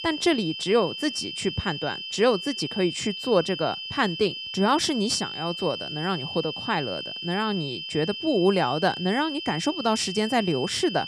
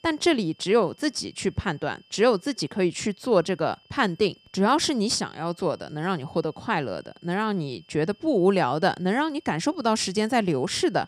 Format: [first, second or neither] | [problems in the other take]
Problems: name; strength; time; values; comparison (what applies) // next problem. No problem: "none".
second | high-pitched whine; loud; throughout; 3 kHz, 7 dB below the speech; faint in the second